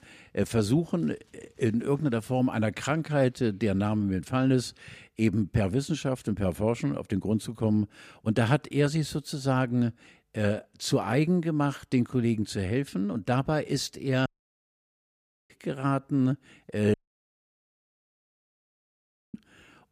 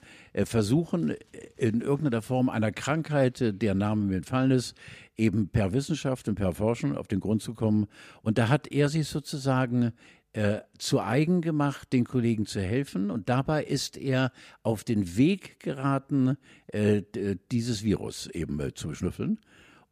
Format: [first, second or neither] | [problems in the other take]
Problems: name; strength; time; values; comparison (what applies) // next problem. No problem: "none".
second | audio cutting out; at 14 s for 1 s and at 17 s for 2.5 s